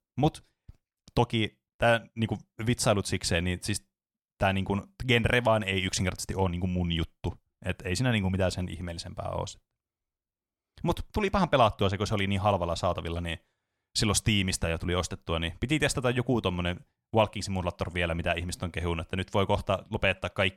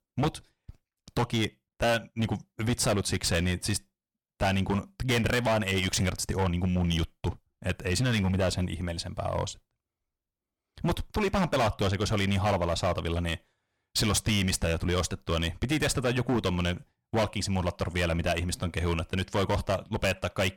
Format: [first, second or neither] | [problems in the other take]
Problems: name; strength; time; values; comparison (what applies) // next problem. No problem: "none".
first | distortion; heavy; 11% of the sound clipped